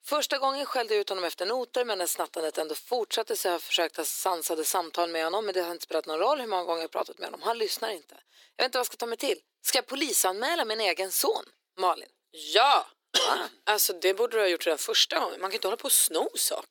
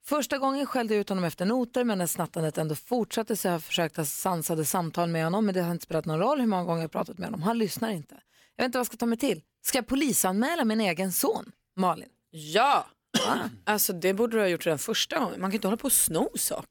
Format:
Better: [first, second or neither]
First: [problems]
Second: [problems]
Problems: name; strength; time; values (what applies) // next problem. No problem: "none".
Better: second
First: thin; very; fading below 350 Hz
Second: none